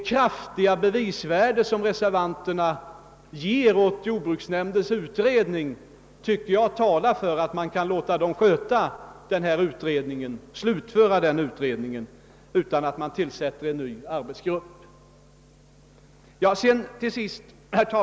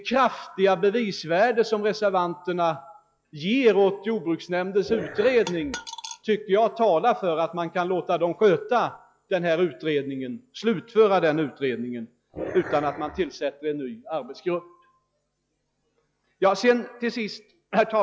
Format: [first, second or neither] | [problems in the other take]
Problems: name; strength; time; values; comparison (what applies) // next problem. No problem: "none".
first | noise reduction (classical method log-MMSE)